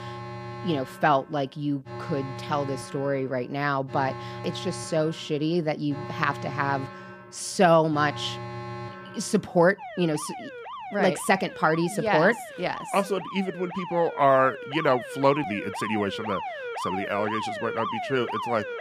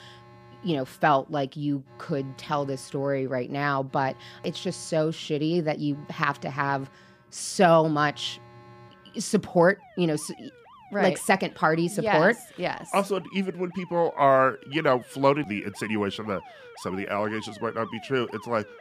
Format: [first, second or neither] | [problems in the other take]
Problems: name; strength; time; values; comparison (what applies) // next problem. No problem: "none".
second | alarms or sirens; loud; throughout; 10 dB below the speech; faint in the second